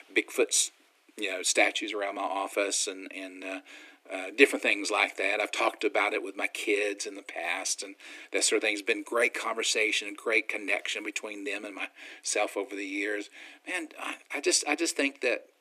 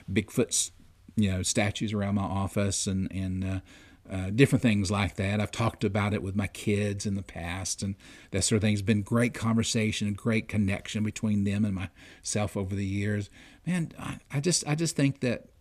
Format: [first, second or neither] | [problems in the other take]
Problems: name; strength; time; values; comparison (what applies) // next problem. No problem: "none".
second | thin; very; fading below 300 Hz